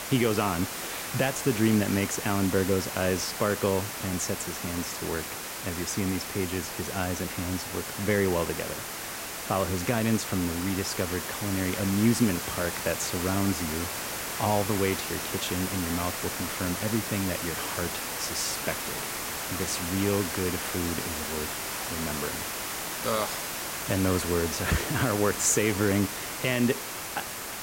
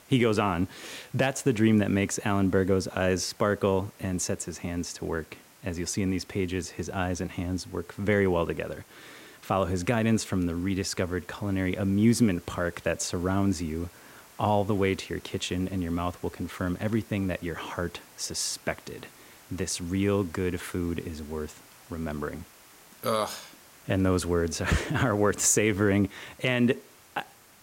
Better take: second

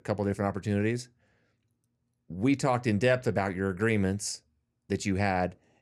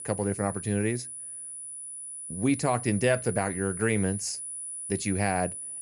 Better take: first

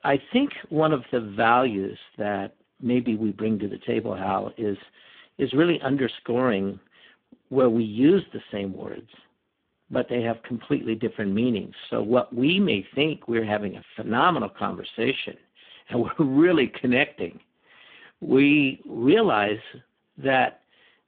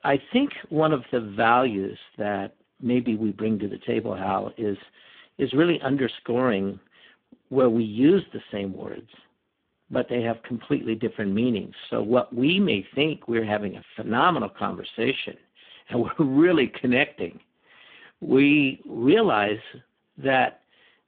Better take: neither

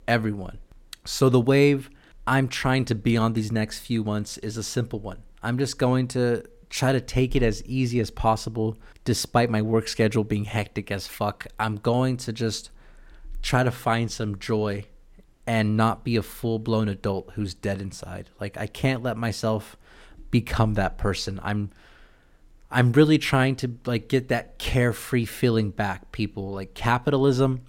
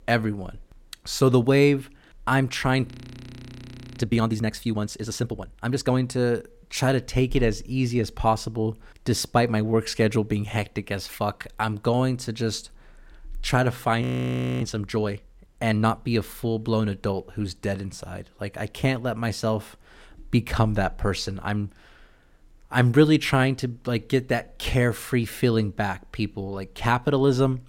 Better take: first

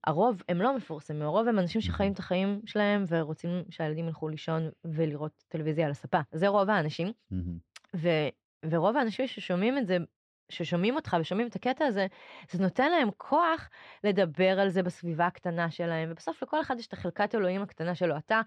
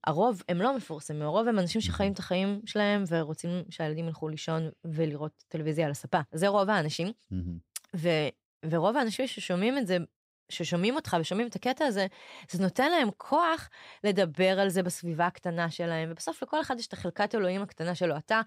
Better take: second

